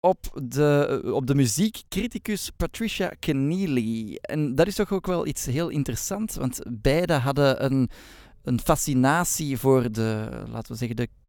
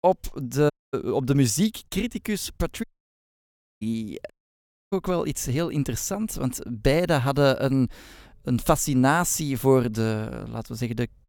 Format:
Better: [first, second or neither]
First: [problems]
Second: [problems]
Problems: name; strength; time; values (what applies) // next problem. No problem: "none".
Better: first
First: none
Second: audio cutting out; at 0.5 s, at 3 s for 1 s and at 4.5 s for 0.5 s